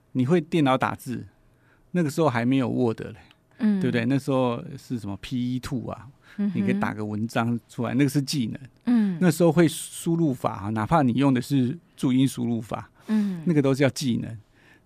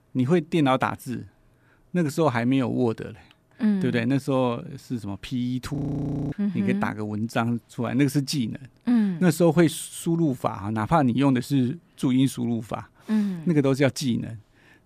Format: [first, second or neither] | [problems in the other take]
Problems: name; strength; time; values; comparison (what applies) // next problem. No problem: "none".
first | audio freezing; at 6 s for 0.5 s